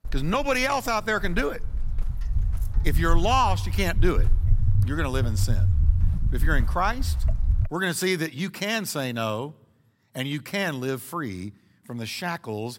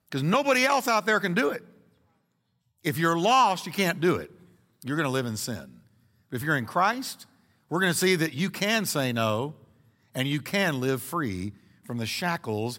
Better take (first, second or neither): second